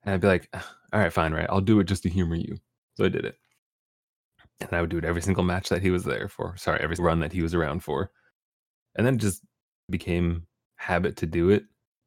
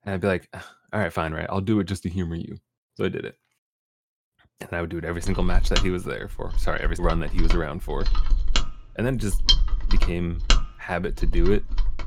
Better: first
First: none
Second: machinery noise; very loud; from 5.5 s on; 1 dB above the speech

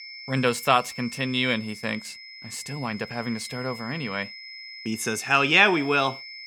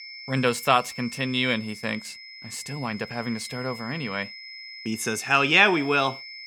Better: neither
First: high-pitched whine; noticeable; throughout; 2 kHz, 15 dB below the speech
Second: high-pitched whine; noticeable; throughout; 2 kHz, 15 dB below the speech

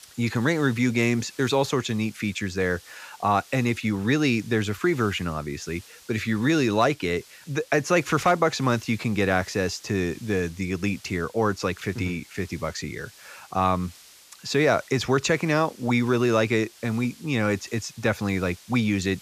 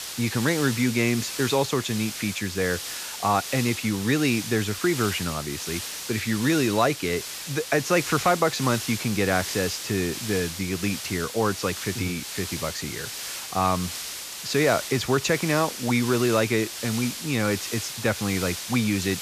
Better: first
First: hiss; faint; throughout; 25 dB below the speech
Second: hiss; loud; throughout; 7 dB below the speech

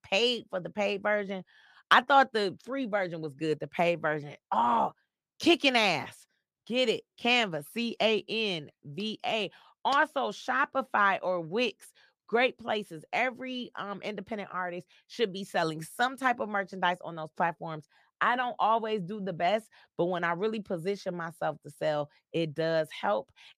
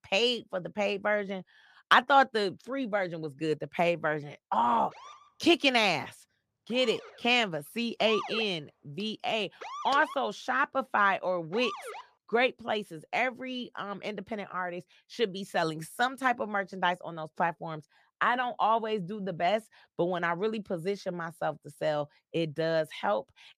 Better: first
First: none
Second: siren; noticeable; from 5 to 12 s; peak 7 dB below the speech

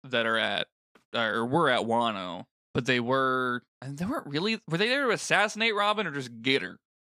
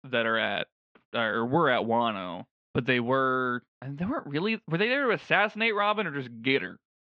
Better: first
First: none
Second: muffled; slightly; fading above 3 kHz

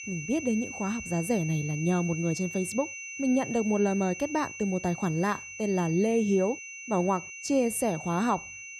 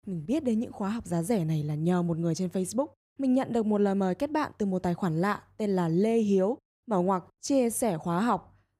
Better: second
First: high-pitched whine; loud; throughout; 2.5 kHz, 10 dB below the speech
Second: none

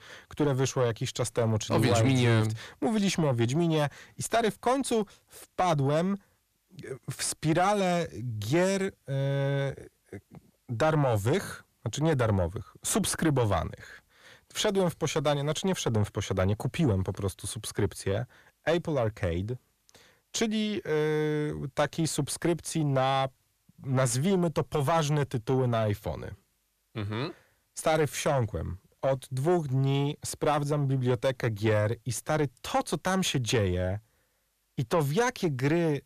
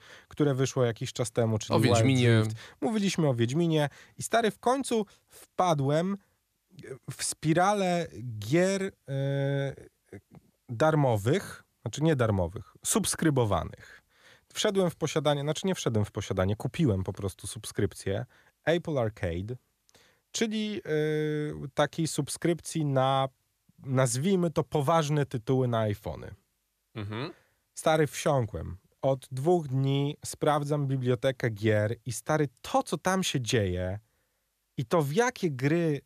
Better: second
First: distortion; slight; 10 dB below the speech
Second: none

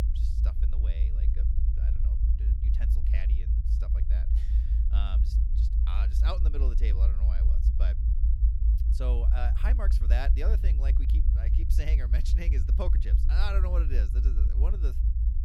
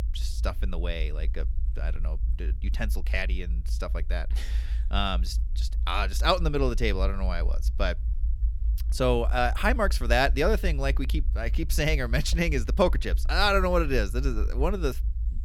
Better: second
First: low rumble; loud; throughout; 5 dB below the speech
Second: low rumble; faint; throughout; 25 dB below the speech

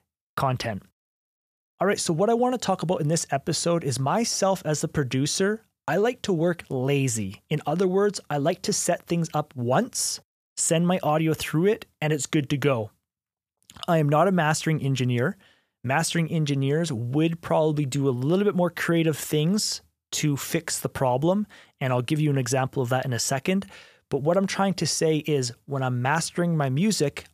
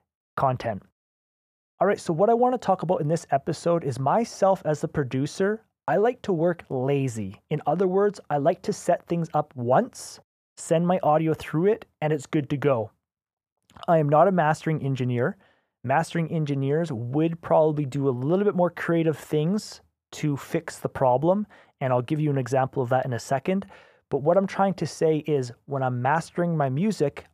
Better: first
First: none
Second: muffled; very; fading above 2.5 kHz

